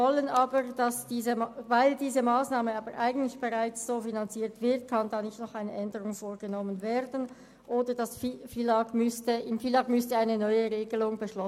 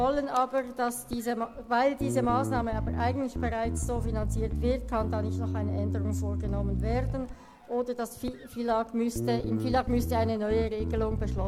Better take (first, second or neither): first